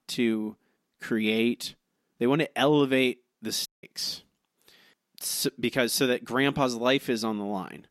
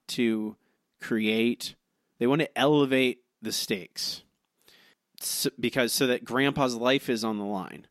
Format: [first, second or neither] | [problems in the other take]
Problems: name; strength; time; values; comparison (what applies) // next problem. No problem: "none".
second | audio cutting out; at 3.5 s